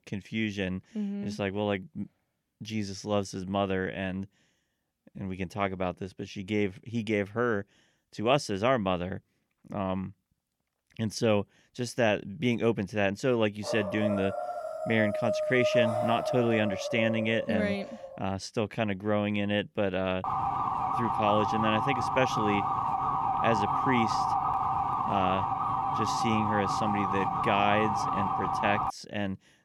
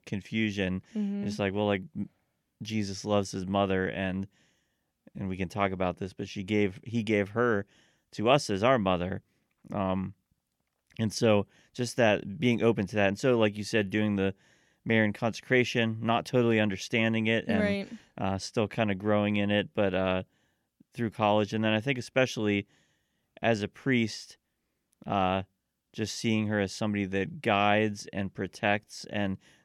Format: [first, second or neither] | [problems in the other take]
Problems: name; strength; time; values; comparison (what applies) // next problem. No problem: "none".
second | dog barking; loud; from 14 to 18 s; peak 4 dB above the speech // siren; loud; from 20 to 29 s; peak 3 dB above the speech